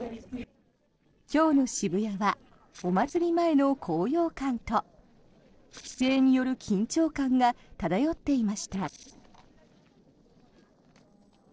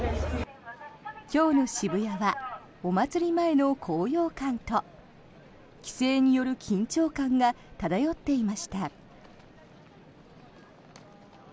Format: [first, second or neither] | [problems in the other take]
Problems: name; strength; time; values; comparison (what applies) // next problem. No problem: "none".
second | noise reduction (neural separator model SepFormer DNS4)